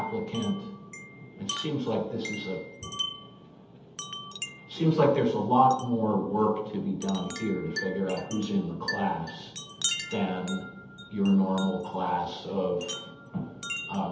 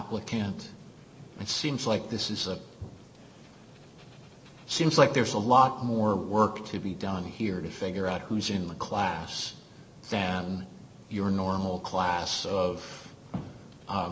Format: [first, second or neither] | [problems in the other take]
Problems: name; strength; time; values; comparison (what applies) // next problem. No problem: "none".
second | background sound (Wind chime); 11 dB below the speech // room echo; dies away in 0.8 s